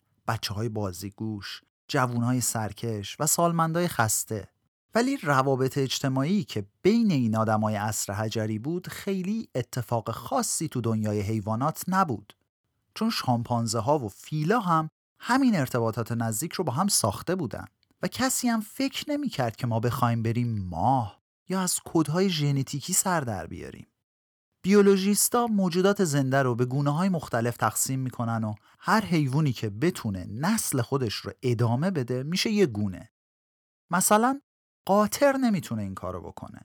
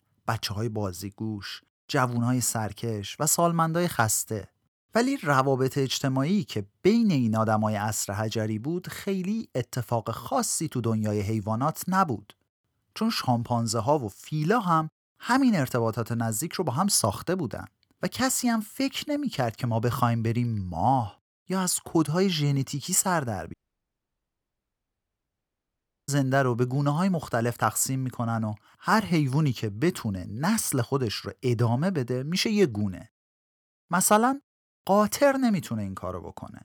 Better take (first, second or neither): first